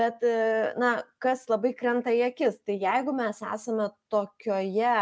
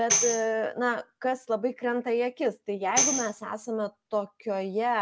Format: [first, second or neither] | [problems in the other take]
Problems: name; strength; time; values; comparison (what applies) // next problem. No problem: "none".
first | background sound (Tambourine); 2 dB below the speech